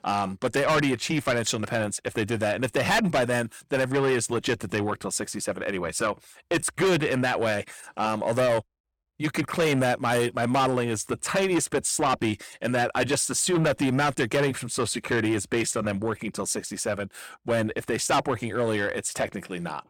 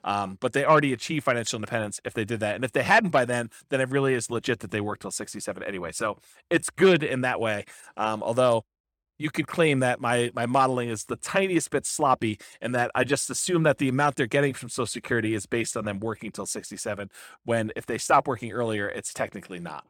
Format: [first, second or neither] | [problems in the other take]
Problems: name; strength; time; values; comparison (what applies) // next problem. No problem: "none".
second | distortion; heavy; 7 dB below the speech